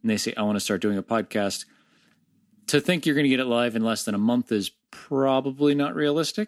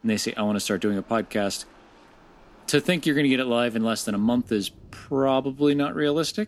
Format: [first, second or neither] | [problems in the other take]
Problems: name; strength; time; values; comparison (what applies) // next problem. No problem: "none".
first | rain or running water; faint; throughout; 25 dB below the speech